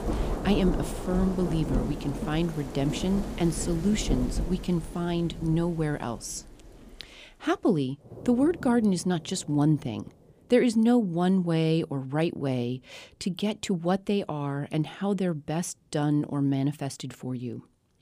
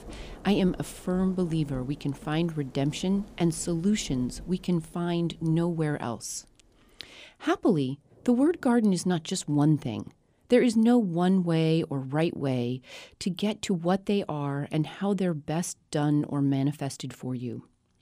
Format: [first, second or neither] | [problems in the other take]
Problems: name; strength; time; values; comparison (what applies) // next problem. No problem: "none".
second | rain or running water; loud; throughout; 7 dB below the speech; faint in the second